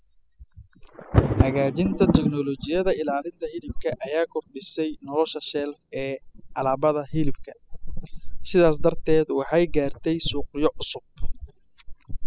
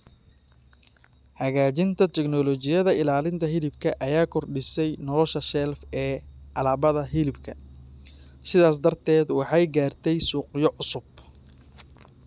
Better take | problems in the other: second | noise reduction (classical method spectral subtraction)

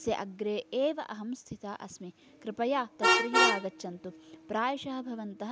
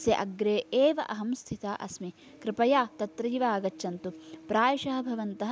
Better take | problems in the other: second | background sound (Vehicle horn, car horn, honking); 1 dB above the speech

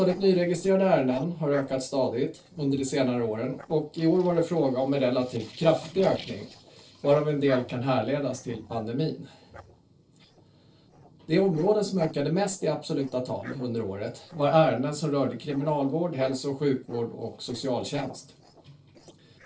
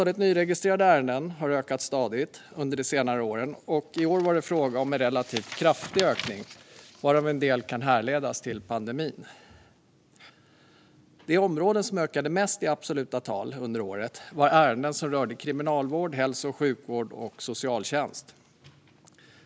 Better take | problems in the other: second | noise reduction (neural separator model SepFormer DNS4)

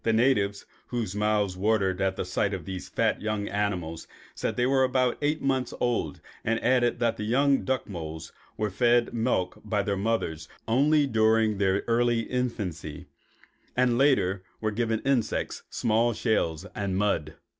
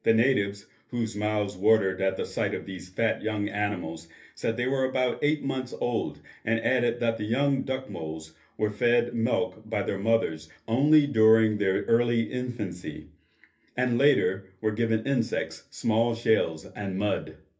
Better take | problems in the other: first | room echo; dies away in 0.3 s

